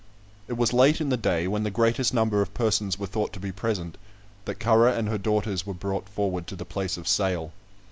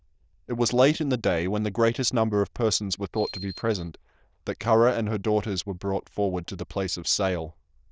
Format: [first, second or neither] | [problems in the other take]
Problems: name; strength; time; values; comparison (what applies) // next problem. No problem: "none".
first | noise reduction (neural diffusion model UNIVERSE++)